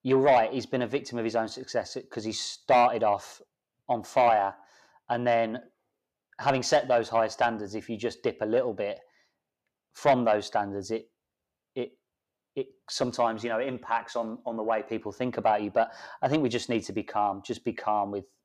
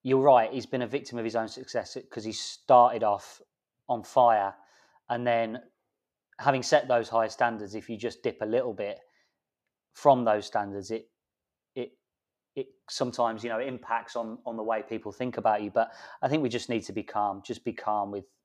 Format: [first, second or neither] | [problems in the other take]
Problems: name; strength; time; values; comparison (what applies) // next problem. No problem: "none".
second | distortion; slight; 10 dB below the speech